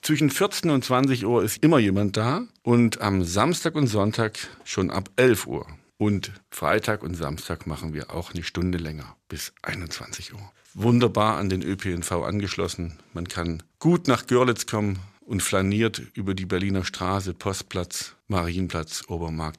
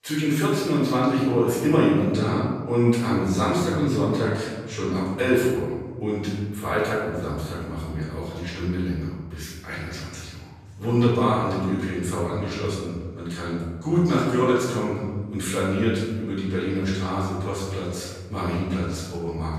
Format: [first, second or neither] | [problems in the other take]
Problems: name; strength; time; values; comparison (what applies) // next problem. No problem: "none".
first | off-mic speech; far // room echo; strong; dies away in 1.3 s